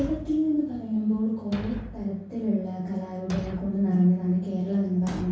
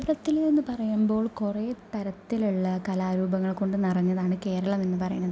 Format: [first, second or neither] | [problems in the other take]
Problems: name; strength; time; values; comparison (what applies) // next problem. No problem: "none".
second | background sound (Thump, thud); 15 dB below the speech // room echo; dies away in 0.6 s